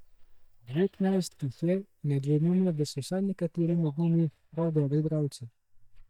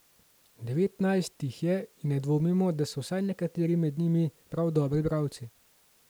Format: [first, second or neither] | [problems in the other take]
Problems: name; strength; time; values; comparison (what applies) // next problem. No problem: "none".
second | noise reduction (neural mask model DeepFilterNet 3)